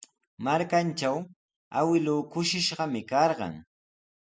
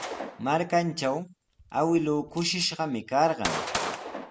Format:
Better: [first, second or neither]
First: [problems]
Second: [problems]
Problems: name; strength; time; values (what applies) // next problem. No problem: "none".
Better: first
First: none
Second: background sound (Gunshot, gunfire); 9 dB below the speech